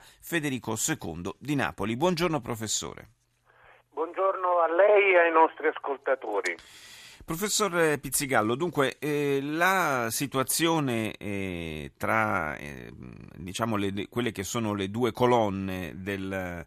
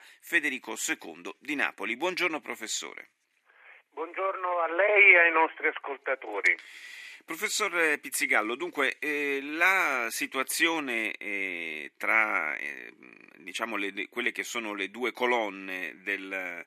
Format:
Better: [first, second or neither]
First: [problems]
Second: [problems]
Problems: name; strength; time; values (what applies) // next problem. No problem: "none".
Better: first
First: none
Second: thin; somewhat; fading below 300 Hz